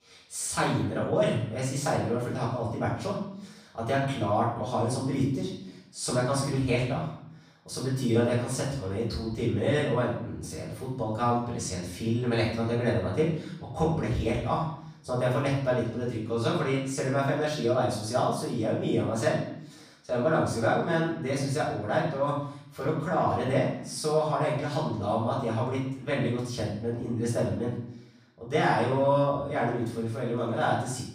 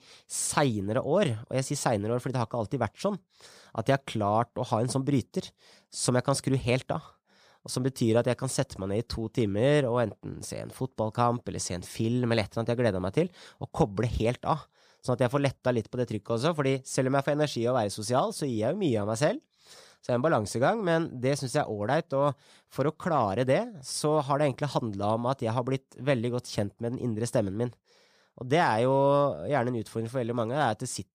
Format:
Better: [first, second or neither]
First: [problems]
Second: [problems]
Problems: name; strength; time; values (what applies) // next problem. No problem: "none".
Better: second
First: off-mic speech; far // room echo; noticeable; dies away in 0.7 s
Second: none